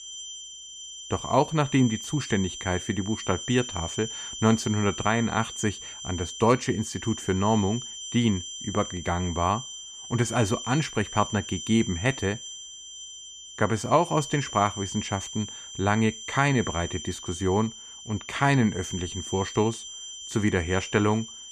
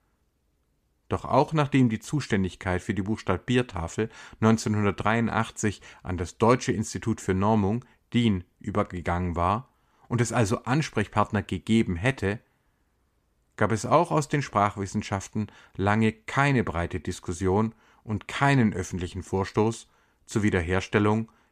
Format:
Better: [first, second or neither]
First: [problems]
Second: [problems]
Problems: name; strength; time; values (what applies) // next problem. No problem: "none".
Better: second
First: high-pitched whine; loud; throughout; 3 kHz, 10 dB below the speech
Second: none